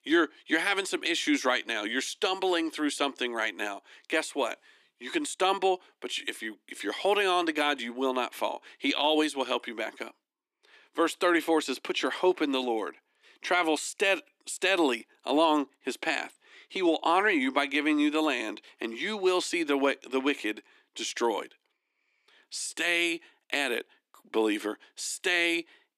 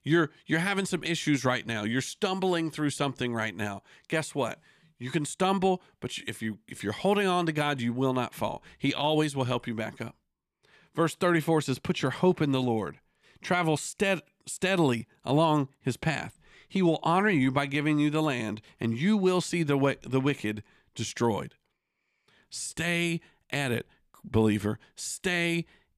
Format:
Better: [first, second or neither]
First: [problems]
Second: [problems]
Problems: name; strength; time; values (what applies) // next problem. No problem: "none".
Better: second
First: thin; somewhat; fading below 300 Hz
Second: none